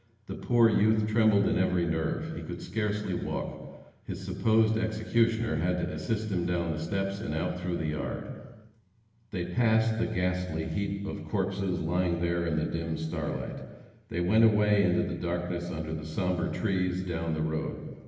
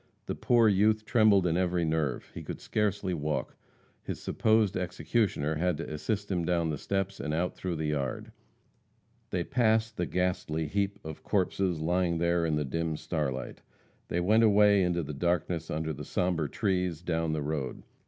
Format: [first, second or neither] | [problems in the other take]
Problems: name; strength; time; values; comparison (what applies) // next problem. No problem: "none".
second | room echo; dies away in 1.3 s